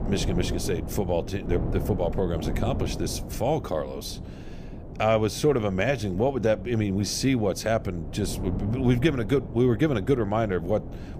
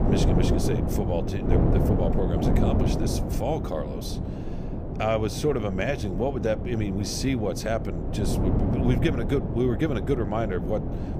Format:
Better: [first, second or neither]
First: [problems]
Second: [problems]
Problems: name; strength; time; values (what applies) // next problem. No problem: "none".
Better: first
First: wind noise on the microphone; occasional gusts; 15 dB below the speech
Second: wind noise on the microphone; heavy; 4 dB below the speech